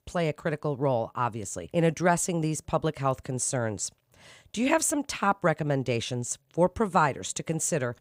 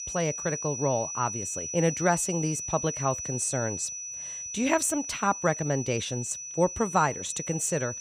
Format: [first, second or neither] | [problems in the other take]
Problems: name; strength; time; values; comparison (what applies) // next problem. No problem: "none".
first | high-pitched whine; loud; throughout; 6 kHz, 5 dB below the speech